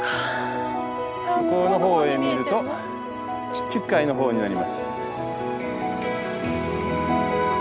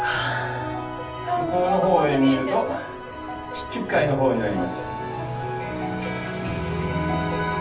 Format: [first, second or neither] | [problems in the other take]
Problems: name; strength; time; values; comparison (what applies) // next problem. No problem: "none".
first | room echo; dies away in 0.3 s